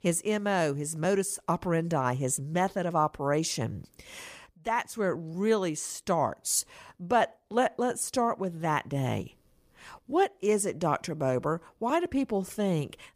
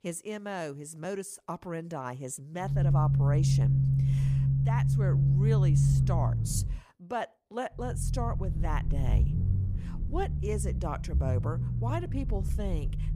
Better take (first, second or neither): first